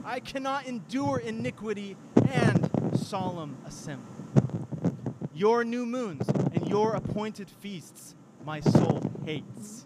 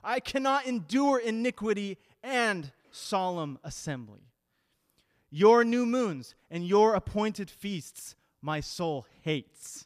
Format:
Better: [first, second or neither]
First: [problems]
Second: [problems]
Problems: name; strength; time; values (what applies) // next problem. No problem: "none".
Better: second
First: wind noise on the microphone; heavy; 1 dB below the speech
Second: none